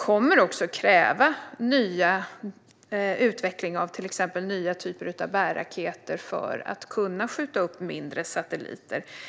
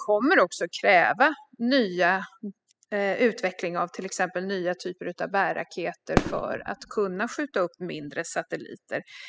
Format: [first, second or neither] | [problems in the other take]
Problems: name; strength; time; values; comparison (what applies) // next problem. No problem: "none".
first | noise reduction (classical method spectral subtraction)